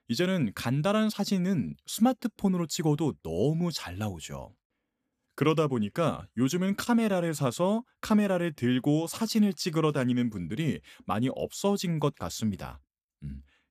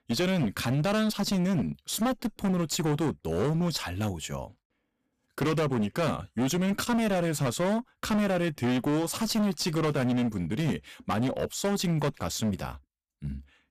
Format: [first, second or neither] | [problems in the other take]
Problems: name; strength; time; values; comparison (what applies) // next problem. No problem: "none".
first | distortion; heavy; 23% of the sound clipped